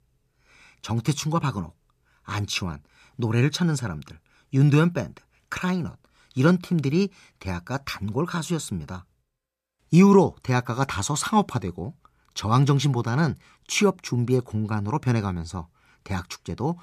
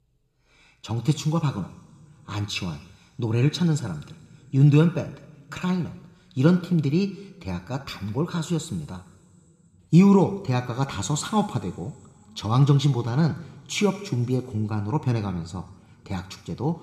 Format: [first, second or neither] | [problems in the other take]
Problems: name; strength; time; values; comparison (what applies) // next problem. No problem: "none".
first | room echo; slight; dies away in 2.1 s